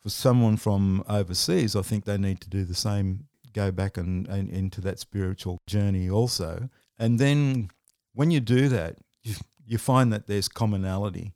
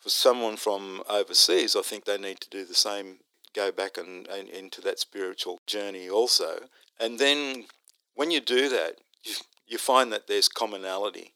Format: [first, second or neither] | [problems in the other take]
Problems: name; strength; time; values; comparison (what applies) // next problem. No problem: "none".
first | thin; very; fading below 350 Hz